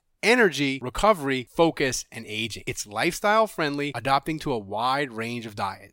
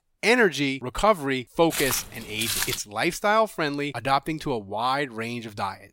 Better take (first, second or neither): first